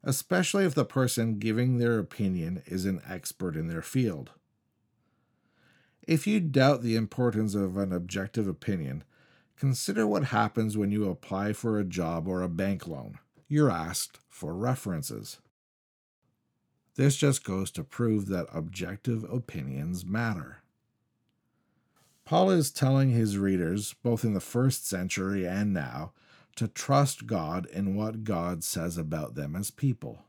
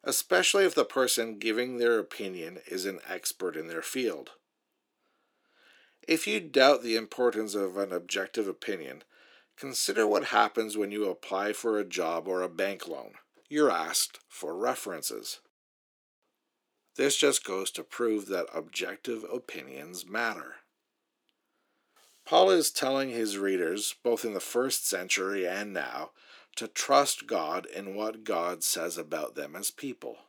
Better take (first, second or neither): first